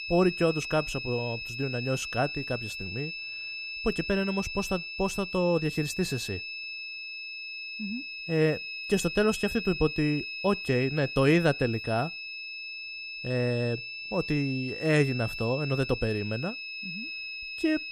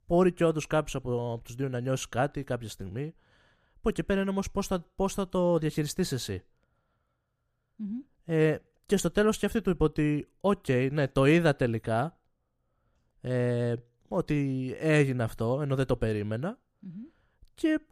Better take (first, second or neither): second